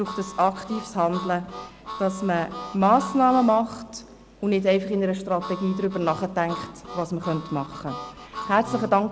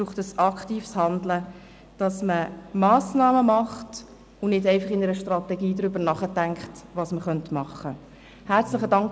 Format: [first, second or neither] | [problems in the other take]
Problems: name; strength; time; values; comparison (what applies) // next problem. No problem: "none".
second | background sound (Harmonica); 13 dB below the speech